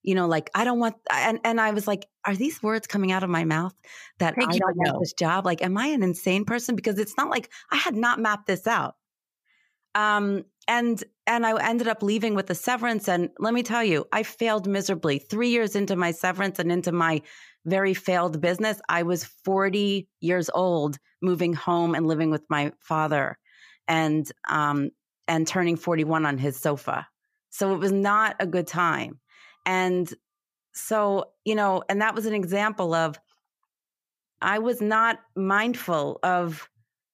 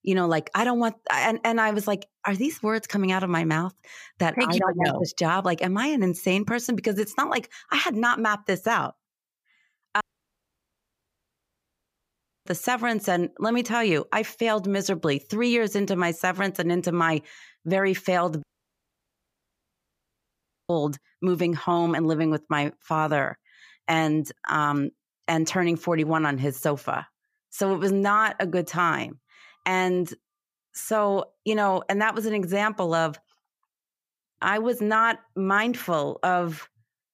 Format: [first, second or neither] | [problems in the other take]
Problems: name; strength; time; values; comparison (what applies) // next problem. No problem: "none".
first | audio cutting out; at 10 s for 2.5 s and at 18 s for 2.5 s